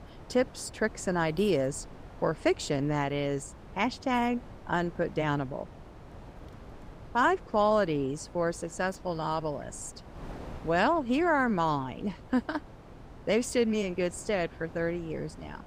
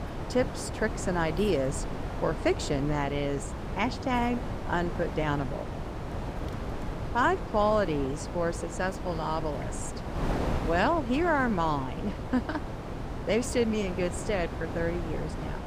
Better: first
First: wind noise on the microphone; occasional gusts; 20 dB below the speech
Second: wind noise on the microphone; heavy; 9 dB below the speech

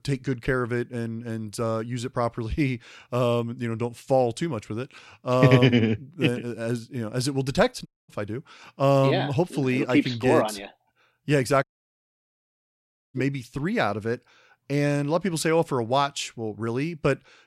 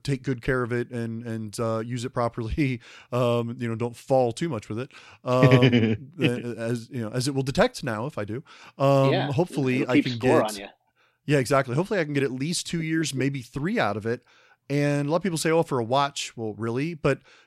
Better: second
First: audio cutting out; at 8 s and at 12 s for 1.5 s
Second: none

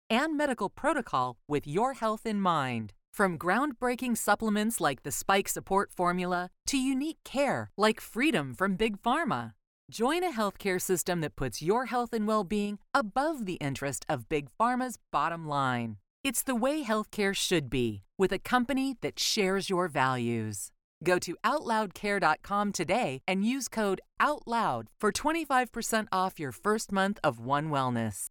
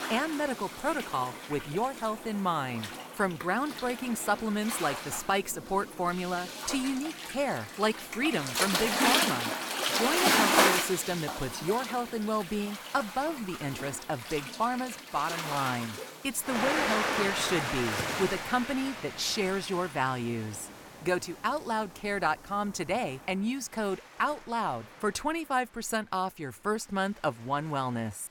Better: first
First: none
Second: rain or running water; loud; throughout; as loud as the speech

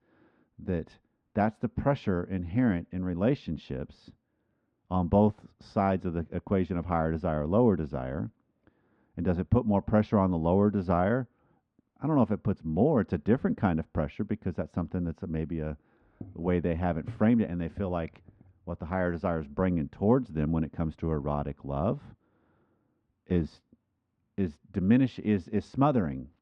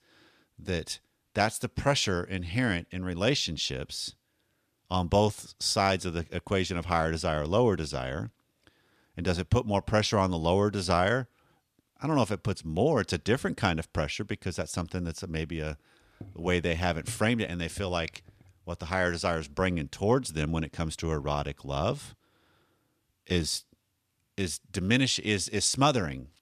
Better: second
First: muffled; very; fading above 1 kHz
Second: none

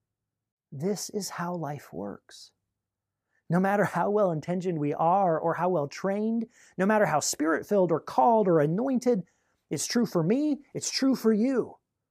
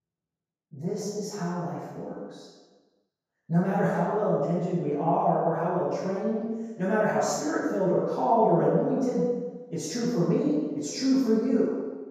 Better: first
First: none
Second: room echo; strong; dies away in 1.2 s // off-mic speech; far

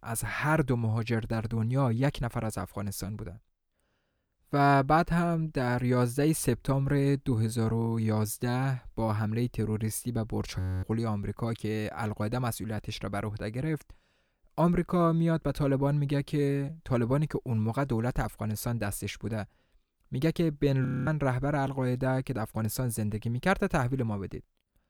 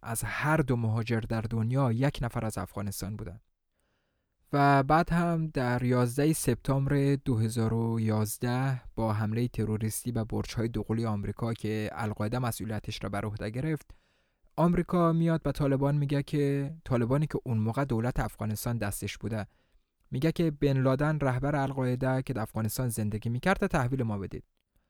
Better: second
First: audio freezing; at 11 s and at 21 s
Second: none

